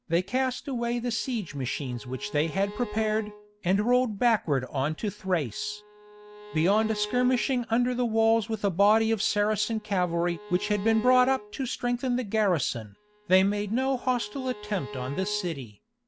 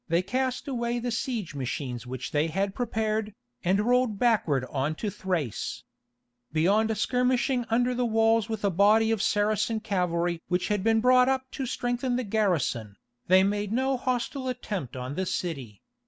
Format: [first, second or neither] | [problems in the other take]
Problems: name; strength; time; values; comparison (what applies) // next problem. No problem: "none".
second | background sound (Bowed string instrument); 18 dB below the speech